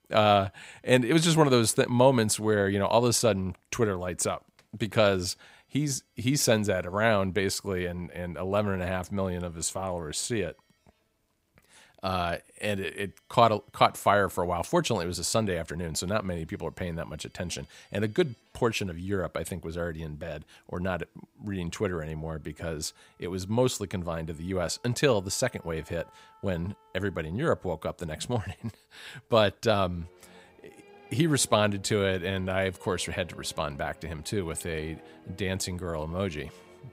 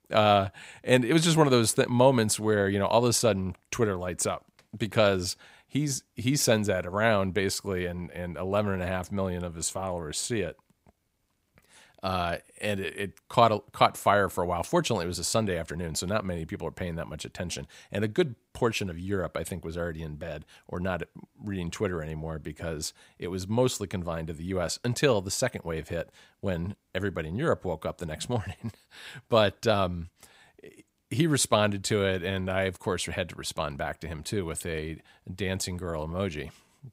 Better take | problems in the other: second | background music; faint; throughout; 30 dB below the speech

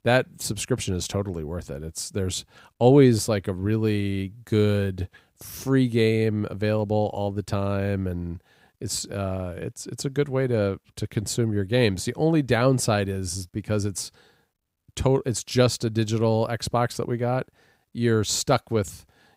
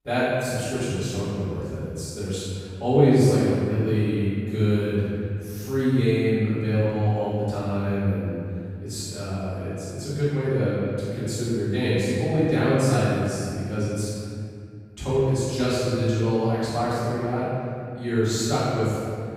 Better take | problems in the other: first | off-mic speech; far // room echo; strong; dies away in 2.3 s

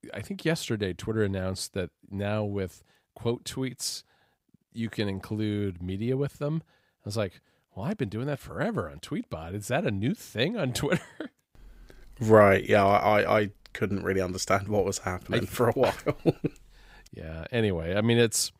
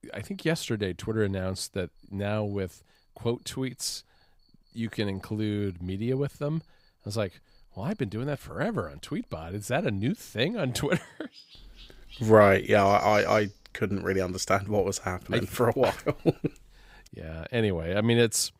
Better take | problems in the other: first | animal sounds; faint; throughout; 20 dB below the speech

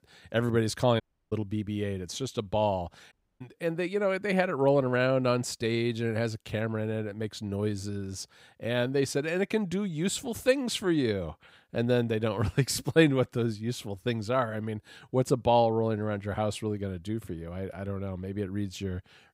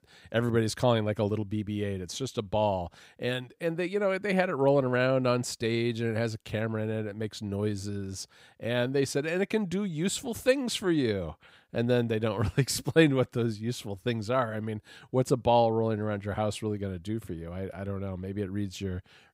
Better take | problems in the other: second | audio cutting out; at 1 s and at 3 s

